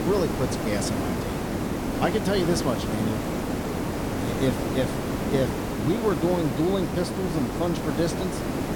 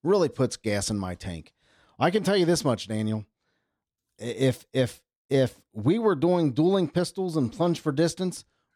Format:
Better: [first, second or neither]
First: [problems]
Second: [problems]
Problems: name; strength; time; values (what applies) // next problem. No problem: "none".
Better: second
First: hiss; loud; throughout; 1 dB below the speech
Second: none